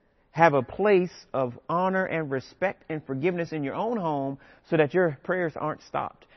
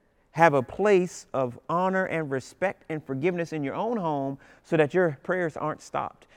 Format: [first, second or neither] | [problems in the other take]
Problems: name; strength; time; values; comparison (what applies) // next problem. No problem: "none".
second | garbled, watery; slightly; nothing above 6 kHz